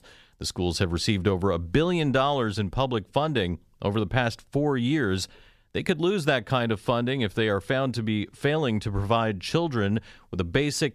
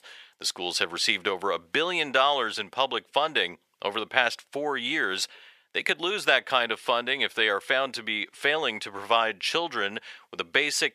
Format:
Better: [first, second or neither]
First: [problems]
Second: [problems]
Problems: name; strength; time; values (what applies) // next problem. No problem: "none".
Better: first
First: none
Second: thin; very; fading below 600 Hz